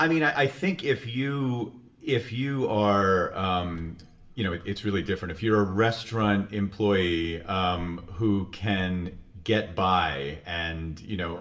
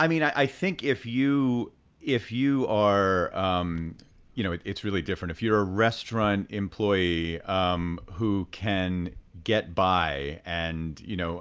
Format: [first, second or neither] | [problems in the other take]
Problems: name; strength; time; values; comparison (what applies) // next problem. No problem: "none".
second | room echo; dies away in 0.6 s